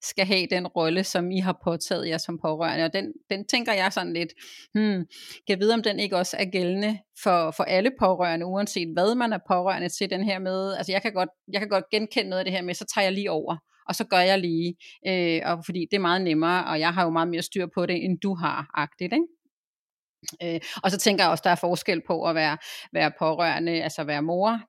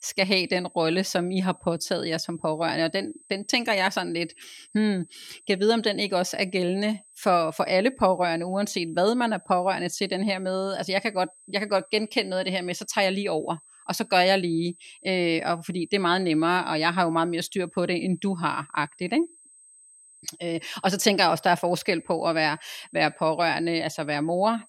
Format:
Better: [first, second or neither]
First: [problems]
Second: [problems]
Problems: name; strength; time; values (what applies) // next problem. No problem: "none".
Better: first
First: none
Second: high-pitched whine; faint; throughout; 8 kHz, 25 dB below the speech